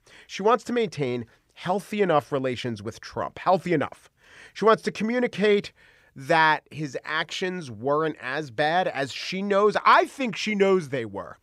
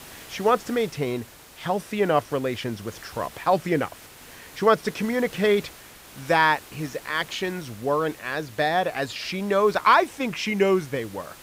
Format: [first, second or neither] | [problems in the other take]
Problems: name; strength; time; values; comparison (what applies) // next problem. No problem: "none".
first | hiss; noticeable; throughout; 20 dB below the speech